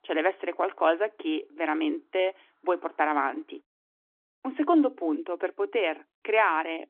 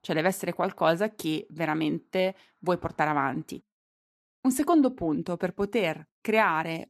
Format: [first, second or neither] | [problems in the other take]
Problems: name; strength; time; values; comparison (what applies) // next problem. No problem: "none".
second | phone-call audio